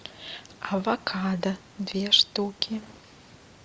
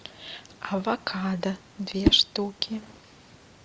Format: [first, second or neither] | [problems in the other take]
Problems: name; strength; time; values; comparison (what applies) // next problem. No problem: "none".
first | background sound (Whoosh, swoosh, swish); 2 dB below the speech